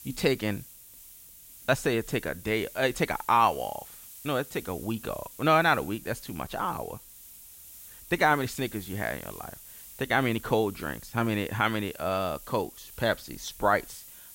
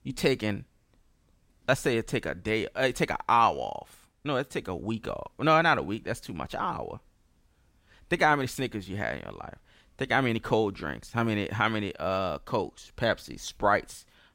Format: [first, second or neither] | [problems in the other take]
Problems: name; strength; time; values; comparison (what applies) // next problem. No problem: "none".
second | hiss; noticeable; throughout; 15 dB below the speech